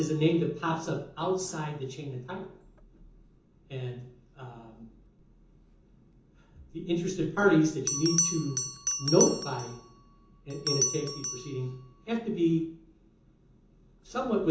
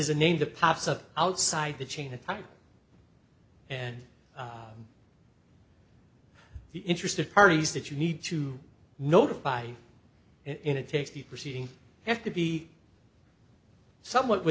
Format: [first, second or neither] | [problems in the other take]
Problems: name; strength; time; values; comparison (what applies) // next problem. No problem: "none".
second | background sound (Bell); 7 dB below the speech // room echo; dies away in 0.6 s